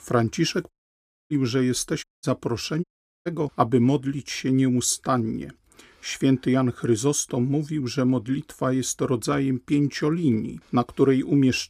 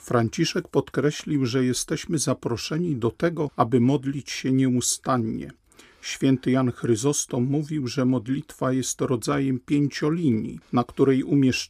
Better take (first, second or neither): second